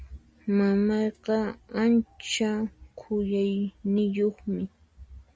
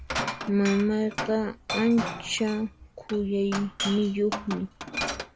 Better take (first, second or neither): first